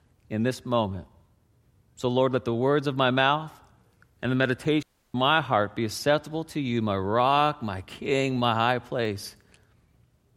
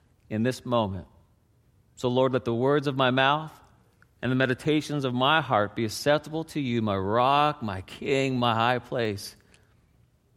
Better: second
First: audio cutting out; at 5 s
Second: none

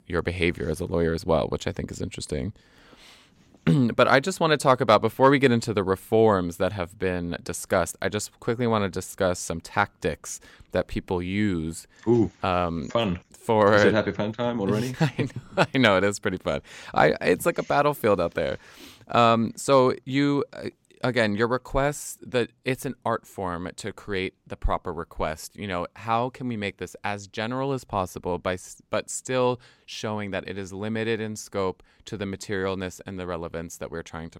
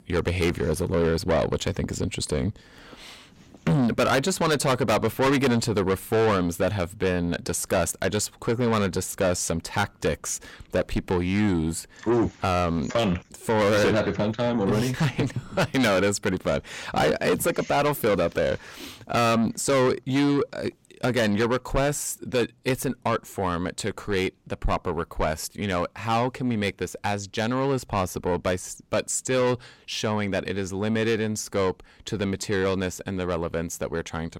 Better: first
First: none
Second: distortion; heavy; 6 dB below the speech

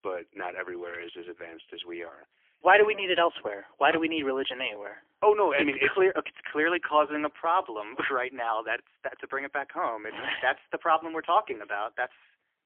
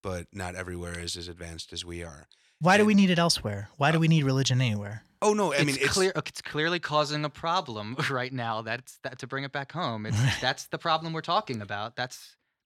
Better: second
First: phone-call audio; poor line; nothing above 3.5 kHz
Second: none

